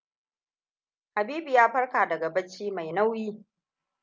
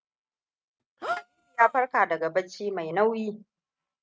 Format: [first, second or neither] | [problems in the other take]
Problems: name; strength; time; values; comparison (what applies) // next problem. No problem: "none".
first | noise reduction (neural mask model RNNoise)